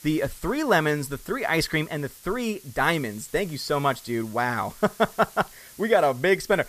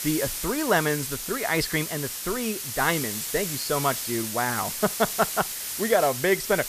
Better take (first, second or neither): first